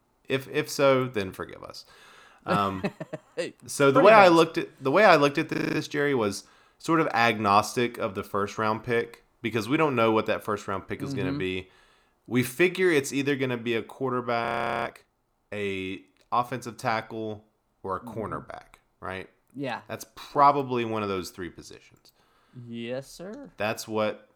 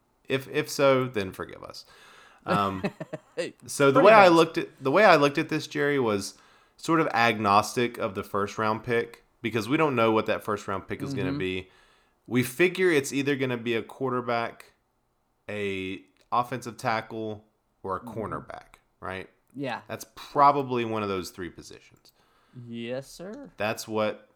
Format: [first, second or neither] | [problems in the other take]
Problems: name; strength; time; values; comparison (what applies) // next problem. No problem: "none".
second | audio freezing; at 5.5 s and at 14 s